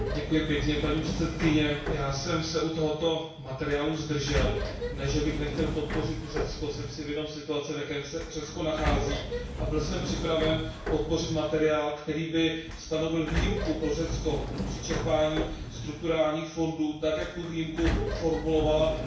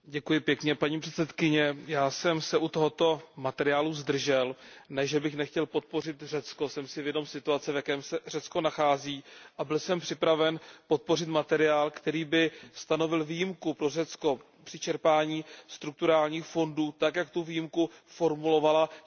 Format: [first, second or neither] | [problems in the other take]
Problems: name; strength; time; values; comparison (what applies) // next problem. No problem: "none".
second | background sound (Sliding door); 4 dB below the speech // room echo; dies away in 0.6 s